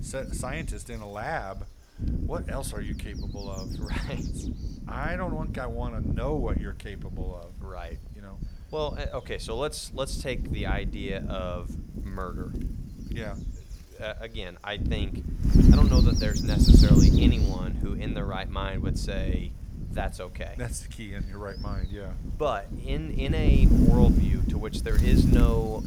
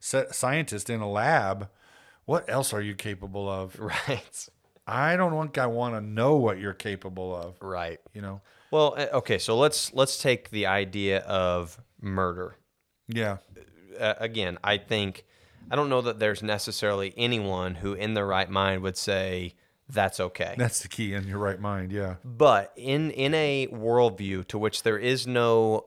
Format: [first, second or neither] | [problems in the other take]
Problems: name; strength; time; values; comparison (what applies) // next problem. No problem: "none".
second | wind noise on the microphone; heavy; 1 dB above the speech